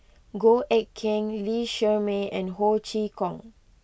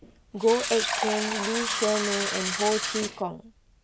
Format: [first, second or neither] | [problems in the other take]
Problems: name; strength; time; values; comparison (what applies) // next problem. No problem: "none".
first | background sound (Fill (with liquid)); 2 dB below the speech